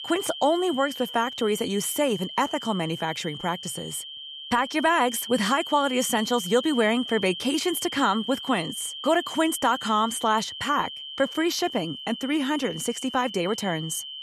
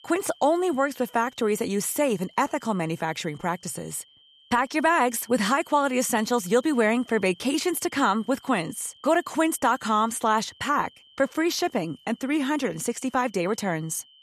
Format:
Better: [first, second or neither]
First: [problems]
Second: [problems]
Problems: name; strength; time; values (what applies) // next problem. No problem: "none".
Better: second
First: high-pitched whine; loud; throughout; 3 kHz, 9 dB below the speech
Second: high-pitched whine; faint; throughout; 3 kHz, 25 dB below the speech